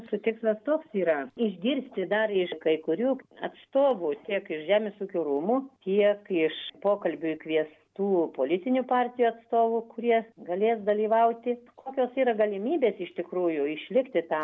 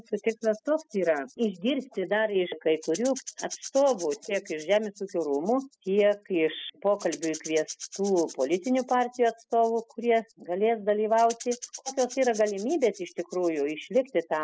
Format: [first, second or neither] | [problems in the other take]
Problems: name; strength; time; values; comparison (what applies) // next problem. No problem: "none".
first | noise reduction (classical method spectral subtraction)